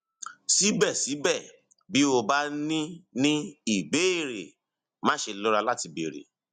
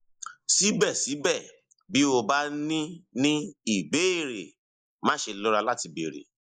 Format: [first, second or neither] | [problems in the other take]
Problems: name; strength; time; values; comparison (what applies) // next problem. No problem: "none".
first | noise reduction (neural mask model Resemble Enhance denoiser)